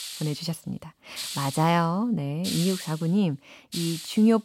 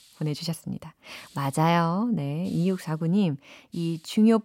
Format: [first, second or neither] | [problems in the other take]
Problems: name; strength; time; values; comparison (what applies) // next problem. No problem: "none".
second | hiss; loud; throughout; 9 dB below the speech; faint in the second